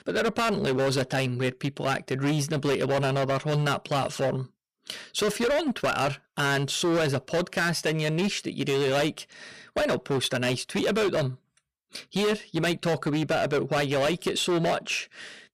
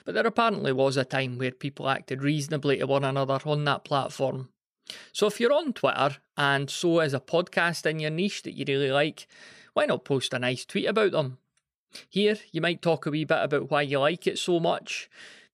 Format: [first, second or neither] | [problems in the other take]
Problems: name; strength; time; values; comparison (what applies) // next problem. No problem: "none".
second | distortion; heavy; 19% of the sound clipped